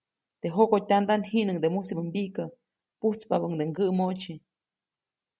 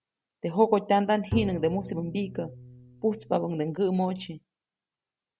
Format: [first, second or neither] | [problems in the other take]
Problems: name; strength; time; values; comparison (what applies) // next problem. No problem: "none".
first | background sound (Bowed string instrument); 11 dB below the speech